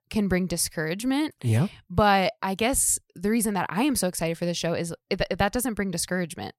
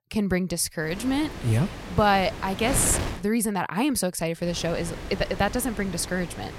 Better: first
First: none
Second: wind noise on the microphone; occasional gusts; from 1 to 3 s and from 4.5 s on; 10 dB below the speech

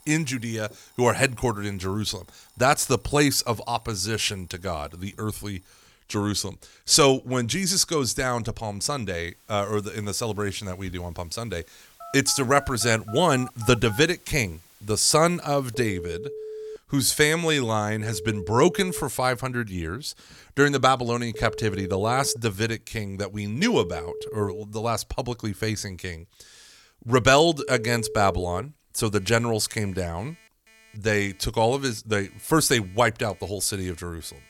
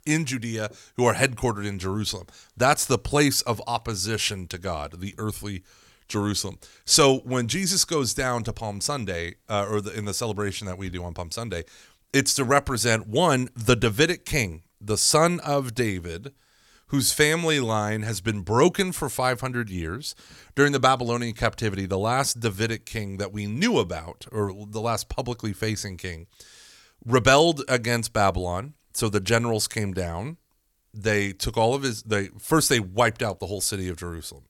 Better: second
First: alarms or sirens; noticeable; throughout; 15 dB below the speech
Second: none

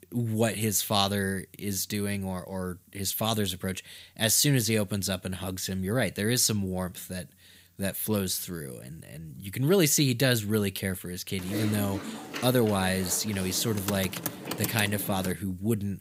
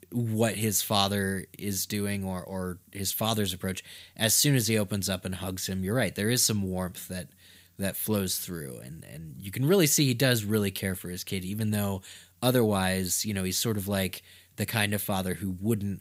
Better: second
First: keyboard typing; noticeable; from 11 to 15 s; peak 5 dB below the speech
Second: none

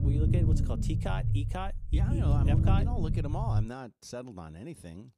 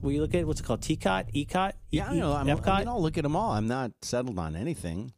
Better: second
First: low rumble; loud; until 3.5 s; 2 dB below the speech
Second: low rumble; faint; until 3.5 s; 20 dB below the speech

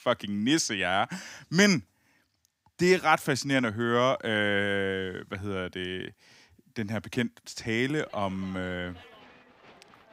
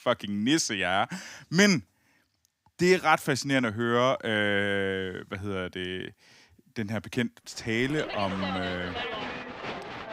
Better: first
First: crowd noise; faint; from 8 s on; 25 dB below the speech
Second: crowd noise; loud; from 8 s on; 8 dB below the speech

